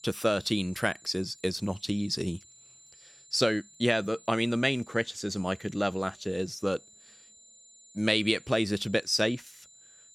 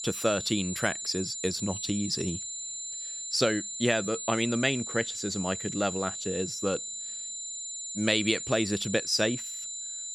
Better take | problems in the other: first | high-pitched whine; loud; throughout; 7 kHz, 5 dB below the speech; faint in the first

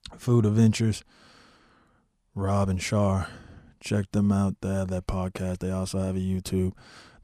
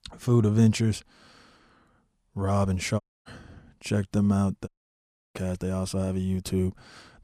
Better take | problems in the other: first | audio cutting out; at 3 s and at 4.5 s for 0.5 s

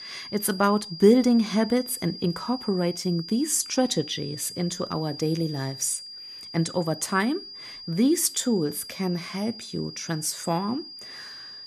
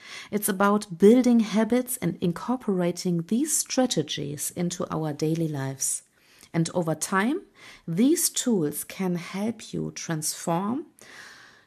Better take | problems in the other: second | high-pitched whine; noticeable; throughout; 5 kHz, 10 dB below the speech

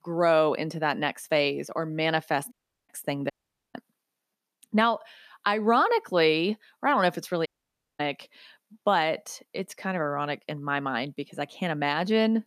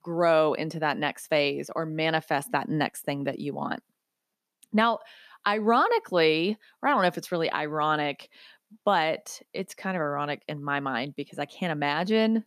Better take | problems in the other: second | audio cutting out; at 2.5 s, at 3.5 s and at 7.5 s for 0.5 s

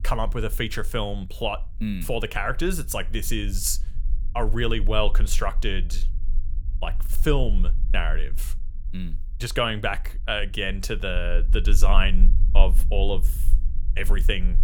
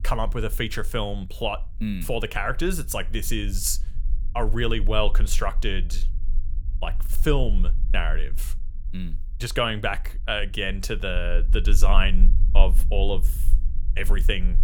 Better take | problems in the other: neither | low rumble; faint; throughout; 25 dB below the speech; the same in both

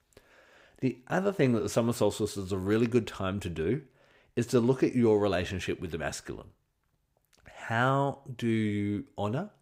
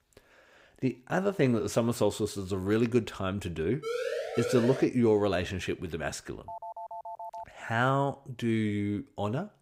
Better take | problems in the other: first | siren; noticeable; from 4 to 5 s; peak 3 dB below the speech // phone ringing; faint; at 6.5 s; peak 10 dB below the speech

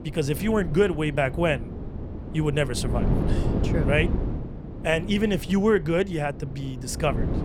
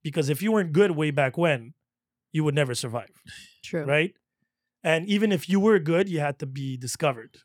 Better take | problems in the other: second | wind noise on the microphone; occasional gusts; 10 dB below the speech

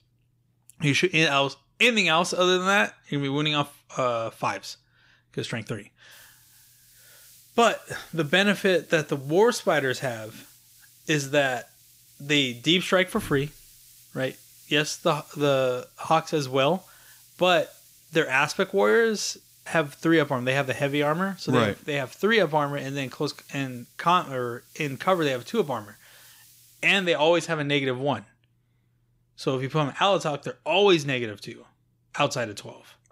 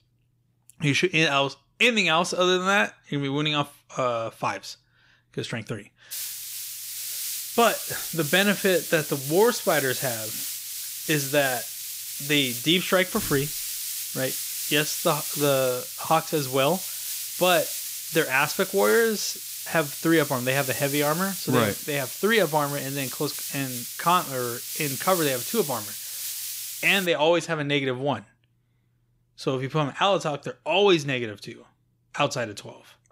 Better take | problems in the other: first | hiss; loud; from 6 to 27 s; 6 dB below the speech; faint in the first

